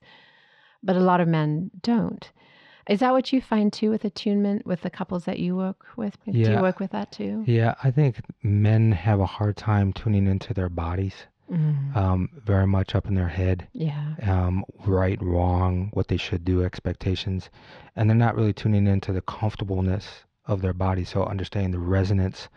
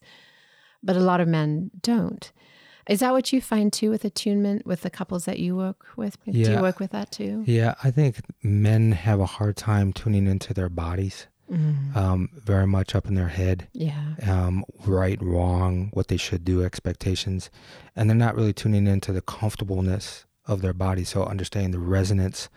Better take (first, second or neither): second